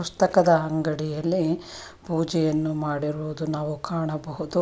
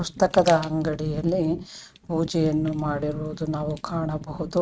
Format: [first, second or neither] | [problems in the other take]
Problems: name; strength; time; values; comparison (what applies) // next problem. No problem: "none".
first | noise reduction (neural mask model RNNoise)